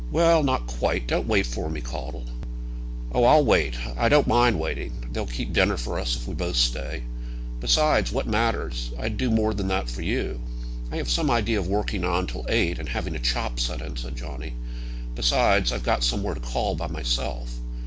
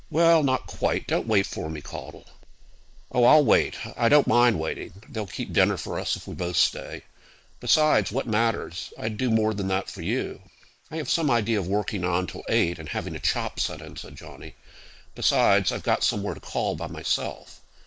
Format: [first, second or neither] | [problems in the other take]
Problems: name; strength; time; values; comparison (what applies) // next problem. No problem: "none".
first | noise reduction (neural mask model Resemble Enhance denoiser)